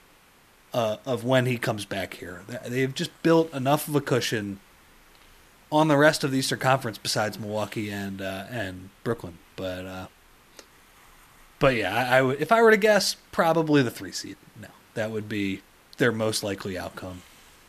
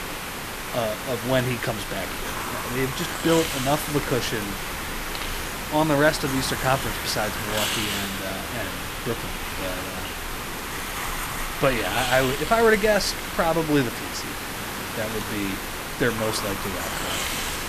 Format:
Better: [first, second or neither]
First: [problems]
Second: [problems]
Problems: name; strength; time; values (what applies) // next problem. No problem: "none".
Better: first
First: hiss; faint; throughout; 30 dB below the speech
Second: hiss; loud; throughout; 3 dB below the speech